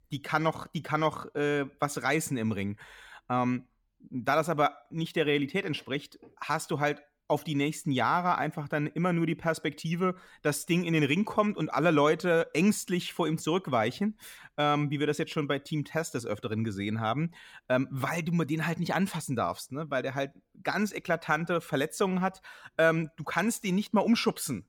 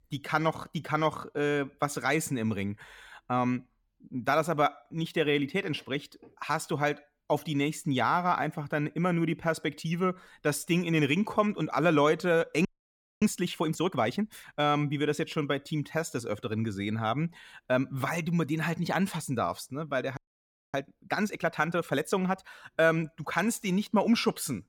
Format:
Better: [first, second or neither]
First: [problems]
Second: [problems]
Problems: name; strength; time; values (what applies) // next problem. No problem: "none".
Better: first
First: none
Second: audio freezing; at 13 s for 0.5 s and at 20 s for 0.5 s